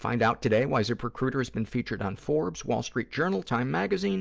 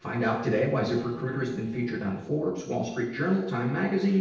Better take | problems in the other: first | noise reduction (neural separator model SepFormer DNS4)

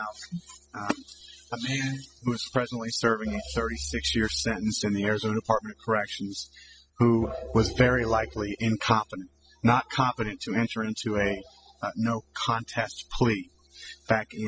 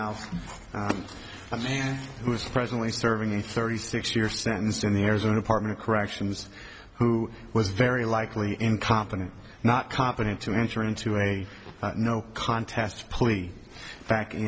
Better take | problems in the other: second | noise reduction (classical method spectral subtraction)

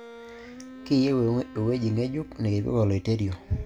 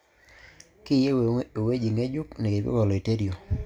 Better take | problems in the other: second | background sound (Wind instrument, woodwind instrument); 19 dB below the speech

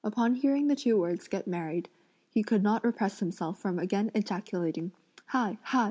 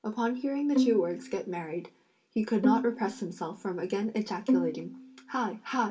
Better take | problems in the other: first | background sound (Bowed string instrument); 1 dB below the speech // room echo; dies away in 0.2 s

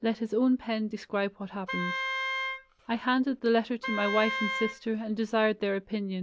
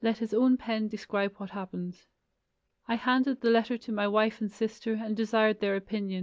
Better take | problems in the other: second | background sound (Wind instrument, woodwind instrument); 6 dB below the speech

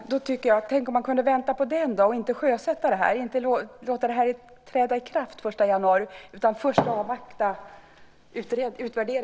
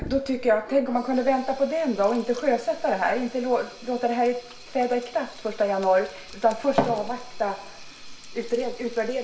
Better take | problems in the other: first | background sound (Sink (filling or washing)); 20 dB below the speech // room echo; dies away in 0.4 s

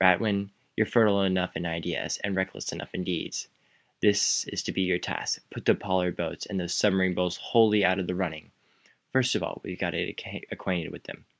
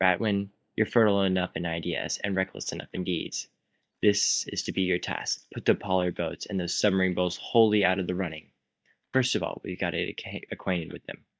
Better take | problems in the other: first | noise reduction (neural mask model DeepFilterNet 3)

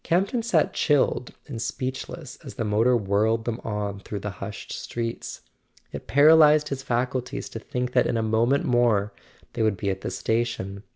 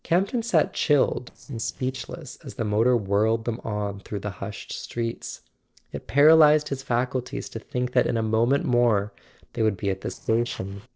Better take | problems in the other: first | noise reduction (neural separator model SepFormer DNS4)

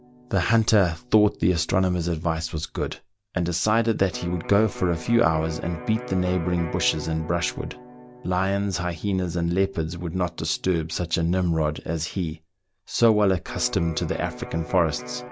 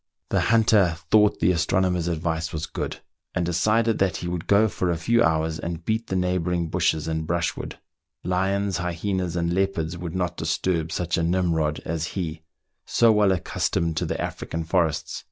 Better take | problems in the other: second | background sound (Electric guitar); 17 dB below the speech

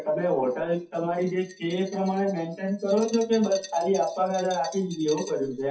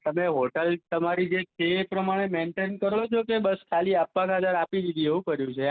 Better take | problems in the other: second | noise reduction (classical method WPE with log-MMSE)

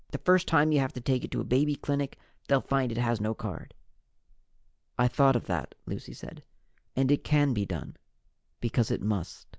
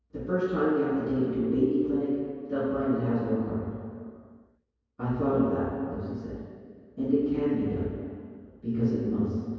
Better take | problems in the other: first | room echo; dies away in 2.2 s

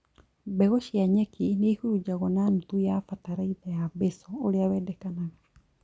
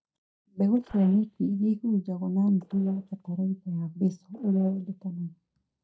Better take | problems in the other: first | noise reduction (neural mask model DeepFilterNet 3)

